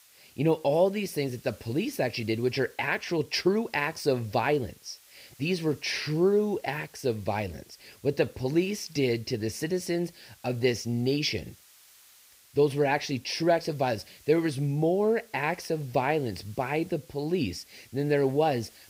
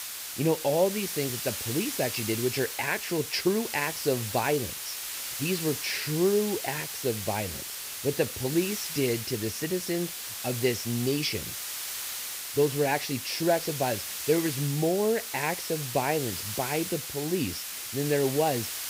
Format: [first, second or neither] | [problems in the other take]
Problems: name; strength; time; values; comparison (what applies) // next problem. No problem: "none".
first | hiss; loud; throughout; 4 dB below the speech; faint in the first